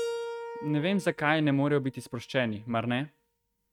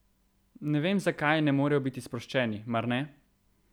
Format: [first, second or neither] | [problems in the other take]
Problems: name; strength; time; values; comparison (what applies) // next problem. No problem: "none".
second | noise reduction (neural mask model RNNoise)